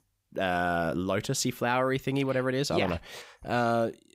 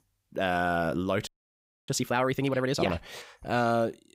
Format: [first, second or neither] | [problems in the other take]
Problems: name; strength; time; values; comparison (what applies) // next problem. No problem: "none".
first | audio freezing; at 1.5 s for 0.5 s